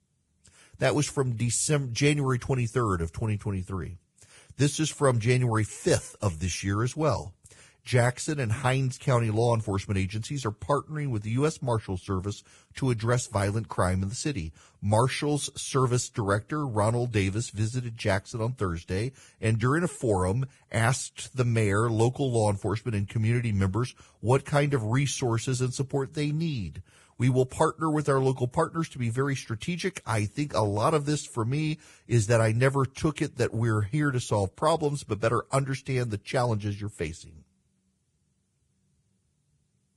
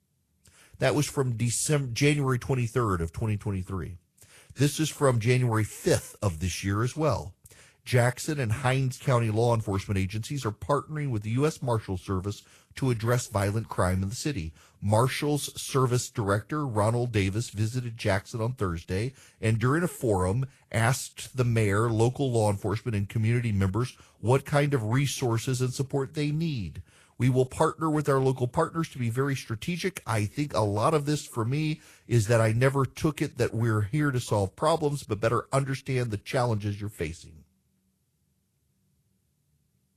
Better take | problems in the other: second | garbled, watery; badly; nothing above 10.5 kHz; slightly in the second

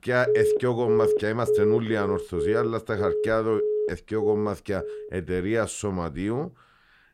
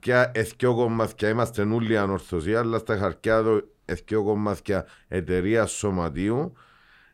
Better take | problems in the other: second | alarms or sirens; very loud; until 4.5 s; 1 dB above the speech

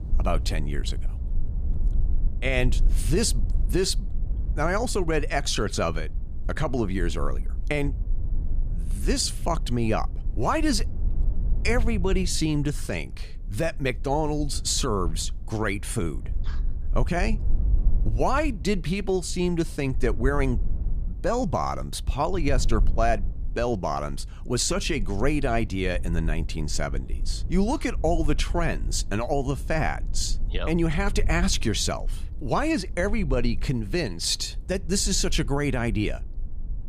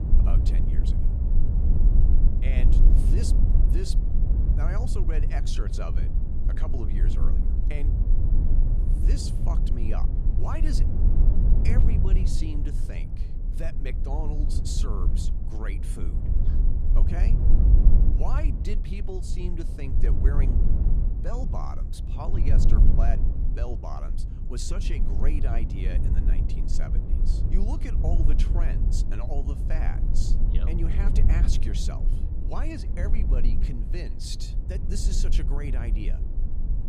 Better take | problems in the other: first | low rumble; loud; throughout; 2 dB below the speech; faint in the first

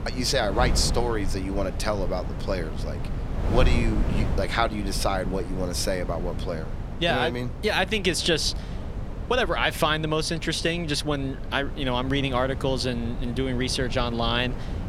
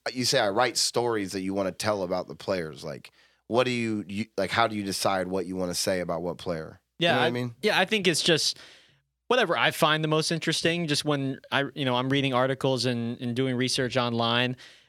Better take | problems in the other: second | wind noise on the microphone; occasional gusts; 15 dB below the speech

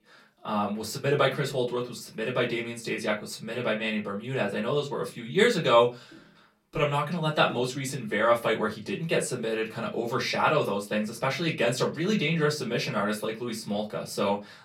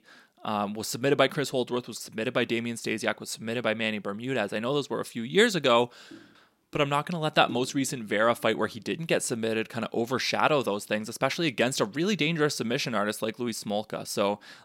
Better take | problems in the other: second | off-mic speech; far // room echo; very slight; dies away in 0.2 s

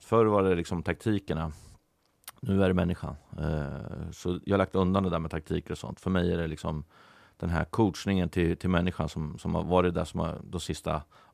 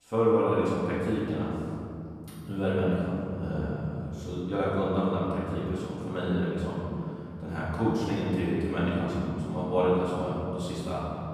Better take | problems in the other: first | off-mic speech; far // room echo; strong; dies away in 2.6 s

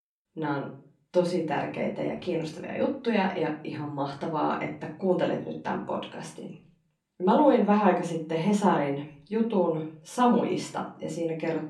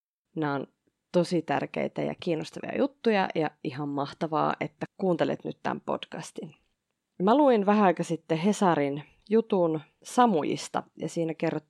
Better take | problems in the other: second | off-mic speech; far // room echo; slight; dies away in 0.4 s

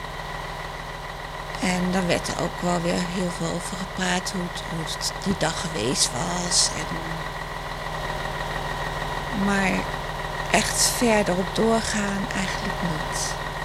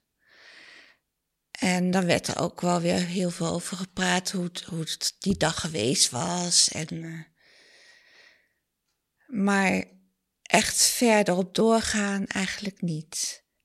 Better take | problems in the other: second | traffic noise; loud; throughout; 6 dB below the speech

